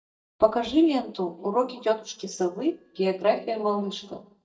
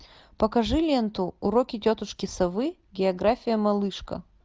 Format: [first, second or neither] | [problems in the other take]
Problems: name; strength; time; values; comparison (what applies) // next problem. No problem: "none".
second | noise reduction (neural mask model DeepFilterNet 3)